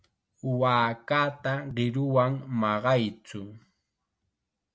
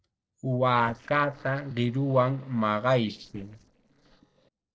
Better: first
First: none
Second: noise reduction (neural separator model SepFormer DNS4)

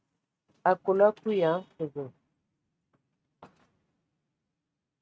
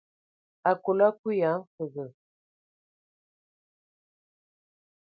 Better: second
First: noise reduction (neural mask model RNNoise)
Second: none

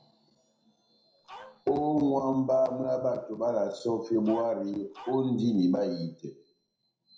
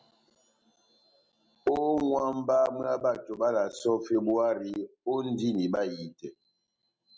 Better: second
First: background sound (Dog); 19 dB below the speech // room echo; dies away in 0.5 s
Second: none

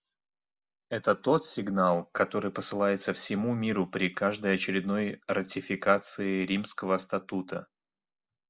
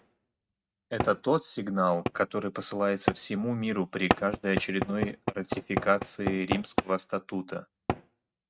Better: first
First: none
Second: noise reduction (neural mask model RNNoise)

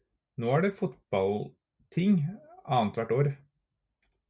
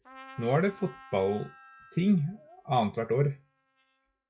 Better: first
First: none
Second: noise reduction (classical method log-MMSE)

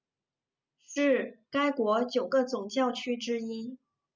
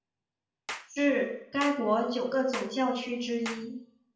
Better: first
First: none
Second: background sound (Clapping); 14 dB below the speech // room echo; dies away in 0.6 s

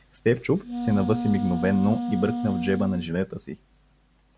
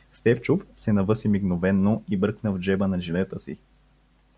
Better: second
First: background sound (Wind instrument, woodwind instrument); 4 dB below the speech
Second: none

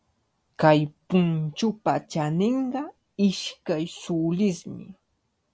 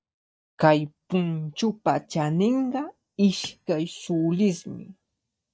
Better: first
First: none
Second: noise reduction (neural mask model DeepFilterNet 3)

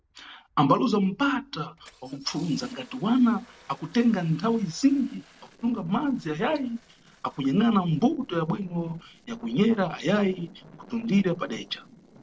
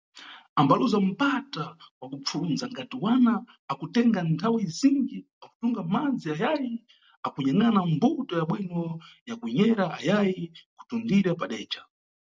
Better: second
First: noise reduction (neural separator model SepFormer DNS4)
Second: none

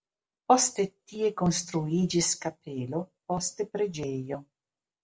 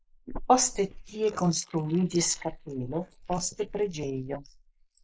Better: first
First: none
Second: noise reduction (neural mask model Resemble Enhance denoiser)

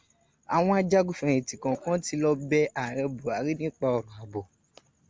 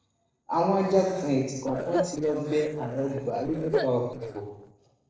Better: first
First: none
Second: noise reduction (neural separator model SepFormer DNS4)

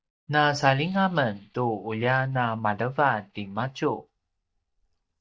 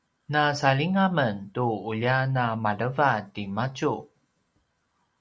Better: second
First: noise reduction (neural mask model DeepFilterNet 3)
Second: none

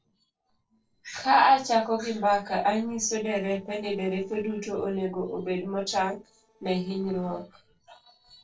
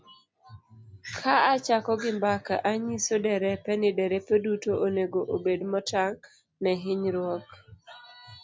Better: second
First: noise reduction (neural separator model SepFormer DNS4)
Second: none

